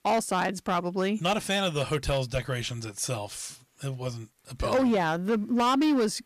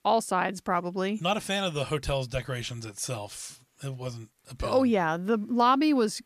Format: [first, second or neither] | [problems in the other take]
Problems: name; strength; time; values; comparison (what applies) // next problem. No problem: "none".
second | distortion; slight; 8% of the sound clipped